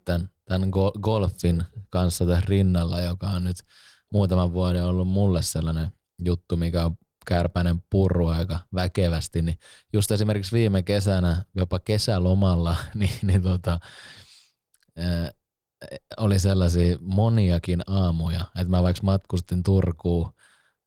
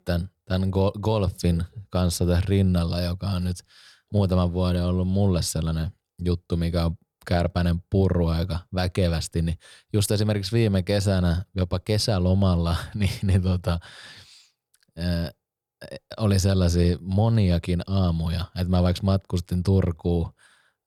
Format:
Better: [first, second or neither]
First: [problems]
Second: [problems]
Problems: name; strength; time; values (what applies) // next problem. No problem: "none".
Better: second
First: garbled, watery; slightly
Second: none